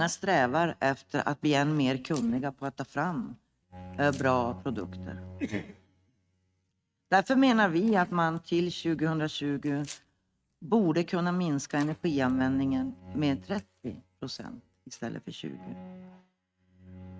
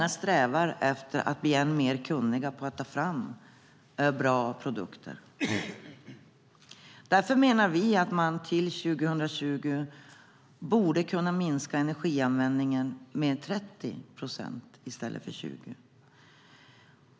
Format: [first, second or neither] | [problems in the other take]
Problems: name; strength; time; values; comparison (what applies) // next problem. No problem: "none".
second | noise reduction (neural mask model RNNoise)